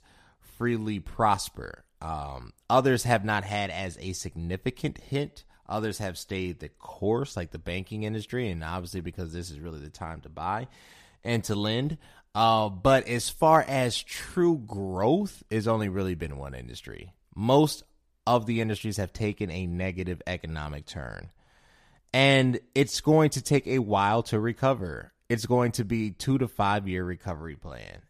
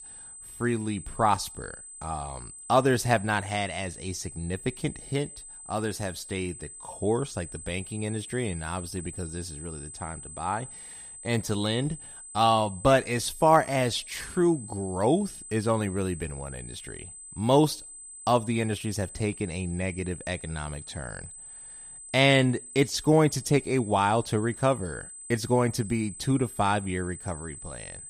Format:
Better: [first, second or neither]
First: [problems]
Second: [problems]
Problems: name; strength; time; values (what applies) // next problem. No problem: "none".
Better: first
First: none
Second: high-pitched whine; noticeable; throughout; 8 kHz, 15 dB below the speech